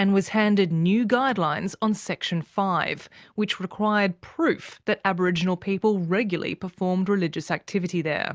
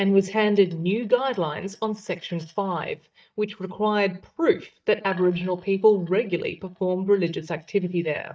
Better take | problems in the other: first | noise reduction (neural mask model DeepFilterNet 3)

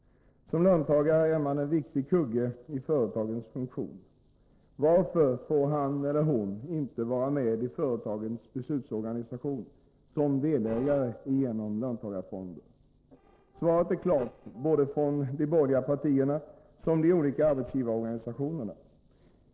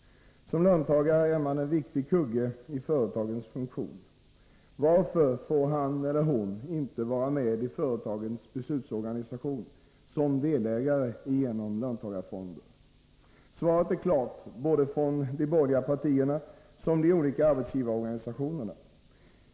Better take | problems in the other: second | noise reduction (neural separator model SepFormer DNS4)

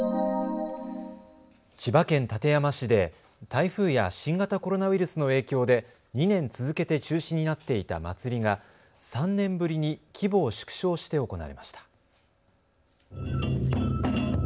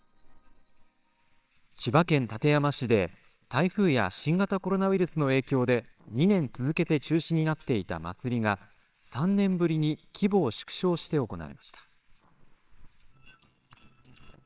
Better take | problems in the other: first | noise reduction (neural separator model SepFormer WHAMR!)

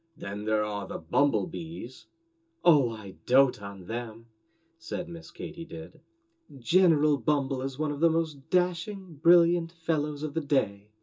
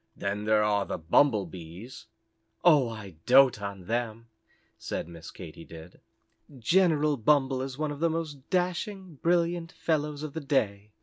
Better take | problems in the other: second | room echo; dies away in 0.2 s

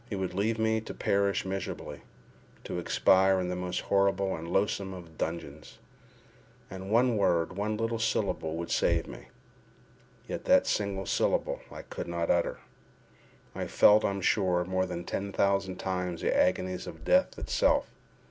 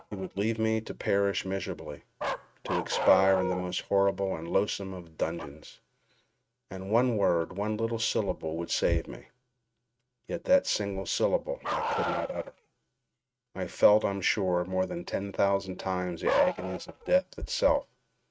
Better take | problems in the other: first | noise reduction (neural mask model RNNoise)

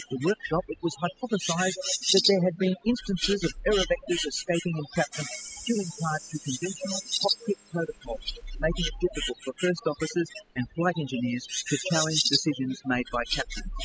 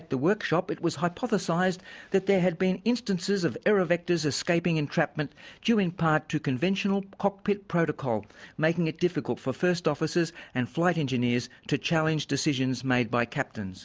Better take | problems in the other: second | noise reduction (classical method spectral subtraction)

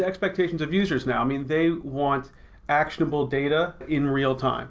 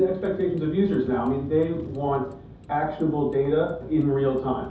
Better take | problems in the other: first | background sound (Vehicle); 17 dB below the speech // room echo; dies away in 0.5 s

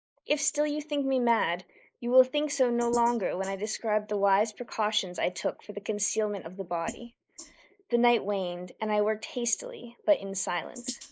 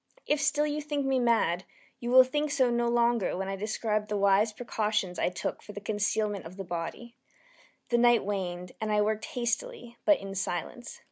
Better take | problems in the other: second | noise reduction (neural mask model Resemble Enhance denoiser)

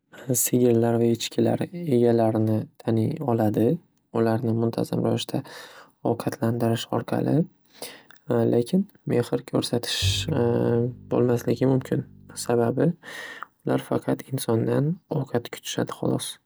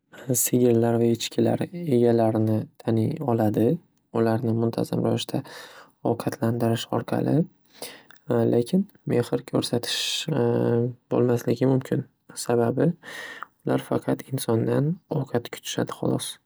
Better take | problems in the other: second | background sound (Bowed string instrument); 11 dB below the speech

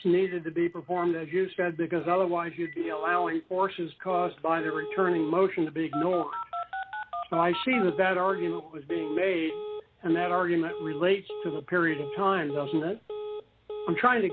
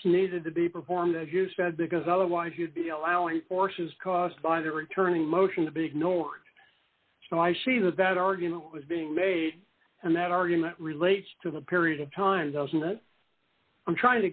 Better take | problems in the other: second | background sound (Telephone); 10 dB below the speech

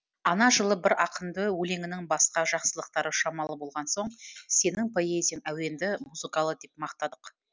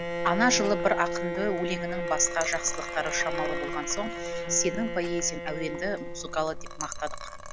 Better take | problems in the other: first | background sound (Liquid + Bowed string instrument); 3 dB below the speech

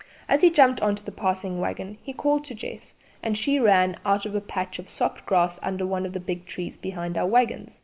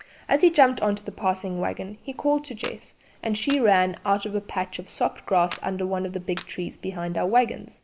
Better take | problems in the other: first | background sound (Clapping); 18 dB below the speech

